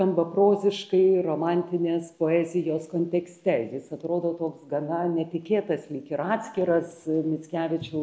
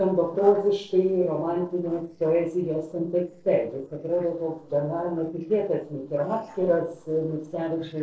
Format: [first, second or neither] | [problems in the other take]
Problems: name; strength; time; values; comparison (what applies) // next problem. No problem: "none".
first | noise reduction (neural separator model SepFormer DNS4)